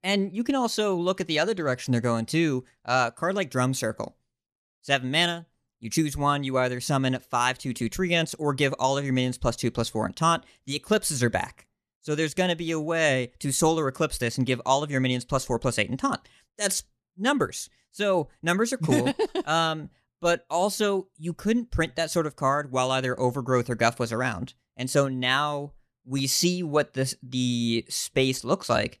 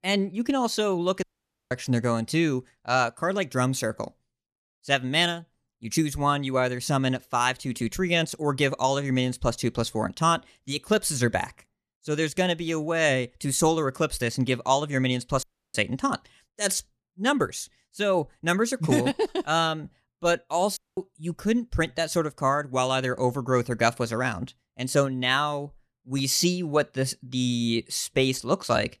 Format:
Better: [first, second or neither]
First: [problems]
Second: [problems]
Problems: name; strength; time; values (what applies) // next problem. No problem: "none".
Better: first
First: none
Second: audio cutting out; at 1 s, at 15 s and at 21 s